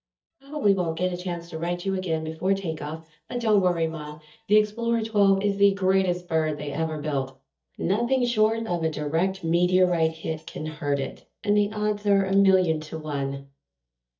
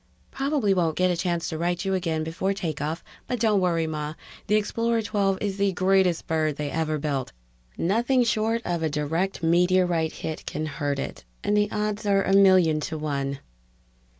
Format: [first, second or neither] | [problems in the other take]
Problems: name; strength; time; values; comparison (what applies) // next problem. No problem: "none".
second | noise reduction (neural mask model DeepFilterNet 3)